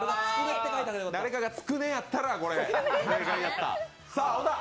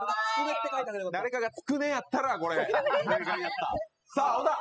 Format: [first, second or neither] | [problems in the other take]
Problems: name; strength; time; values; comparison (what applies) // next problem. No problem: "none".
first | noise reduction (classical method spectral subtraction)